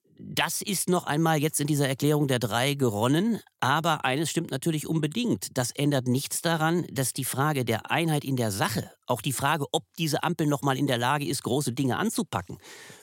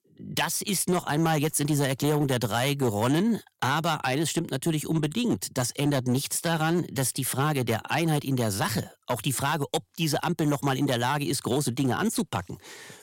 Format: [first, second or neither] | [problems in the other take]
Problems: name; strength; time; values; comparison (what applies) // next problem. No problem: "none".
first | distortion; slight; 6% of the sound clipped